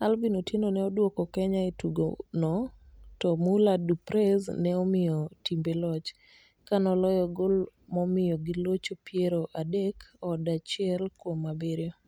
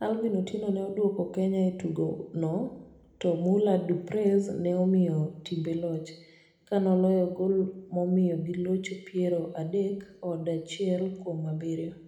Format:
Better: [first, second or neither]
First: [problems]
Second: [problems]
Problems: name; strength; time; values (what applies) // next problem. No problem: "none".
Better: first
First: none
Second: room echo; dies away in 0.8 s